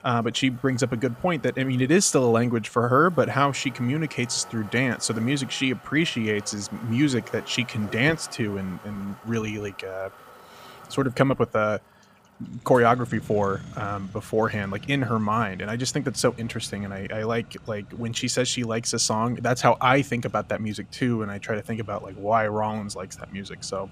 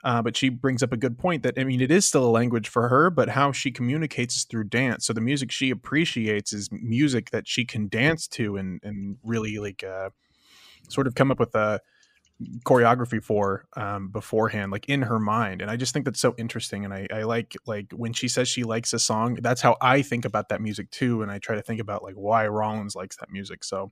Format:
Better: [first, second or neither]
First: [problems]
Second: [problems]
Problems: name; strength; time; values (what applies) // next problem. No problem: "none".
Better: second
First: traffic noise; faint; throughout; 20 dB below the speech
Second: none